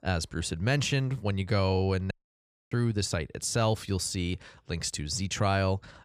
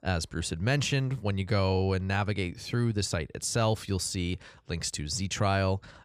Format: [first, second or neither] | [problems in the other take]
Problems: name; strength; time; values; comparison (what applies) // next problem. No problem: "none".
second | audio cutting out; at 2 s for 0.5 s